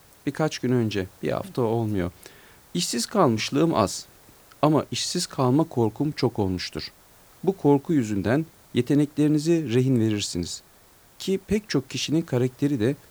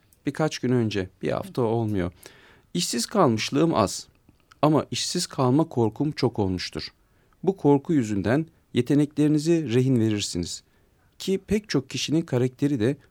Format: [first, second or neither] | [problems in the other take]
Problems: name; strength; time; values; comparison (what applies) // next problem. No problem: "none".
second | hiss; faint; throughout; 30 dB below the speech